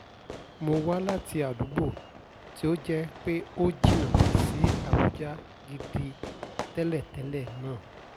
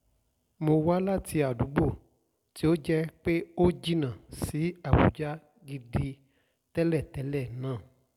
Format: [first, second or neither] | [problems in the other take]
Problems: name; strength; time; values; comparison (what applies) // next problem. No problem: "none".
second | background sound (Fire / Fireworks); 1 dB below the speech